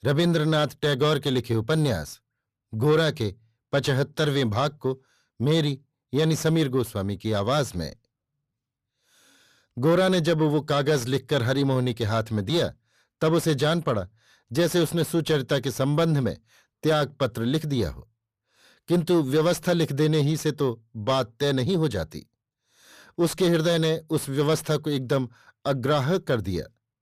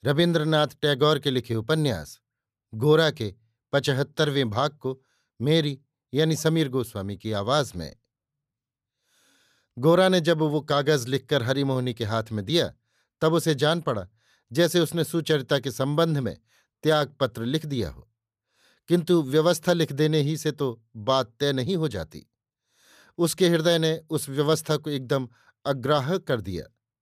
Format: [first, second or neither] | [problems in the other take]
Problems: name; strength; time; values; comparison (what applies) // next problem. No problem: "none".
second | distortion; slight; 10 dB below the speech